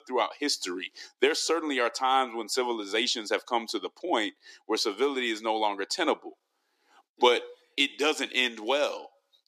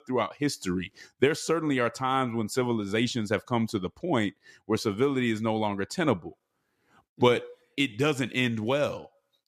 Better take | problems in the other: second | thin; somewhat; fading below 300 Hz

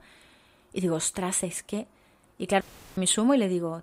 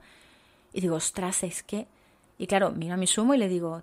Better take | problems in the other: second | audio cutting out; at 2.5 s

